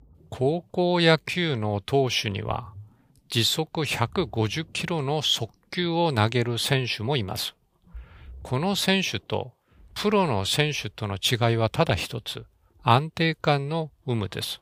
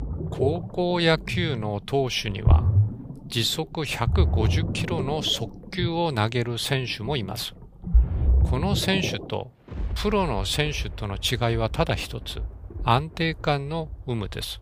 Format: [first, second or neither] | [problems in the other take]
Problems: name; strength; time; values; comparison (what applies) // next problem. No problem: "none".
first | rain or running water; loud; throughout; 2 dB below the speech; faint in the first